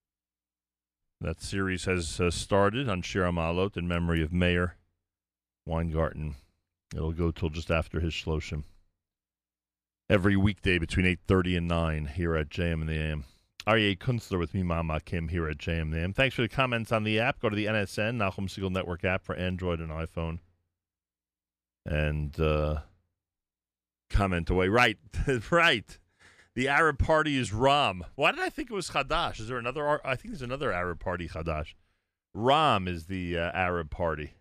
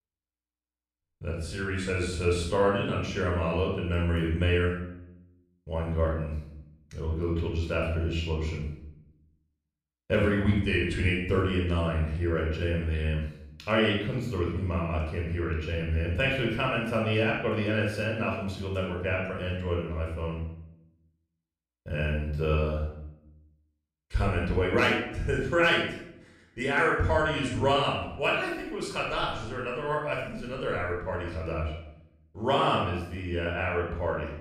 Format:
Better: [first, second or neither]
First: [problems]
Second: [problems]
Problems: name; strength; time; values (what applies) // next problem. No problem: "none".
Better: first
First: none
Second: off-mic speech; far // room echo; noticeable; dies away in 0.6 s